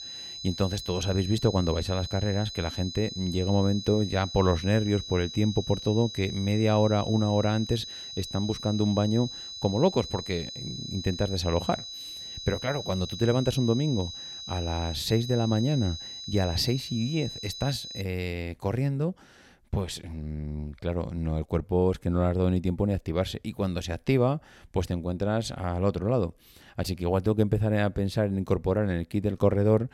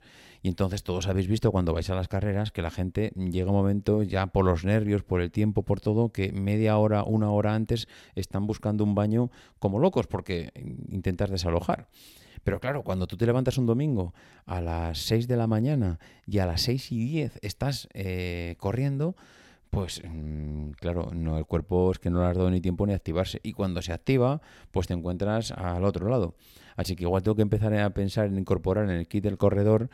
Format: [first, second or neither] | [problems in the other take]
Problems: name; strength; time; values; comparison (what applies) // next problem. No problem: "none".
second | high-pitched whine; loud; until 18 s; 4 kHz, 9 dB below the speech